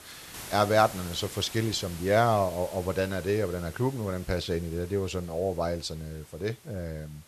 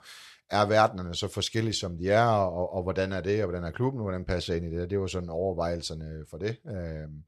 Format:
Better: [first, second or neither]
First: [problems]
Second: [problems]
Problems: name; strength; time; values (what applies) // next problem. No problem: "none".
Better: second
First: hiss; noticeable; throughout; 15 dB below the speech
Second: none